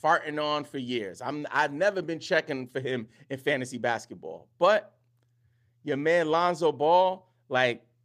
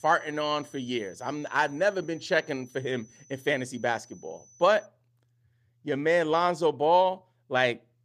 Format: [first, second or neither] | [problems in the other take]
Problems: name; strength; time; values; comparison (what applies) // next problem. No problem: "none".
first | high-pitched whine; faint; until 5 s; 6 kHz, 25 dB below the speech